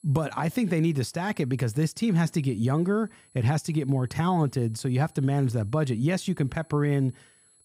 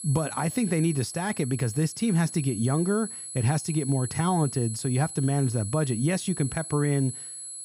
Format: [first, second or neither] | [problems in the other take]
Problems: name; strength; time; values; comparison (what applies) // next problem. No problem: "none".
first | high-pitched whine; loud; throughout; 10.5 kHz, 9 dB below the speech; faint in the first